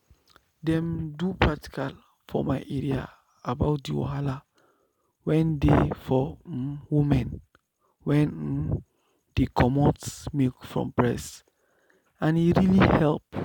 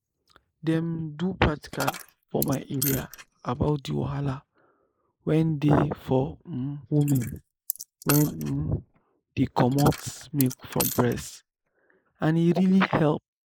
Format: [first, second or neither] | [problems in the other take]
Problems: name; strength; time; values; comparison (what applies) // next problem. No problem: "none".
first | noise reduction (neural mask model Resemble Enhance denoiser)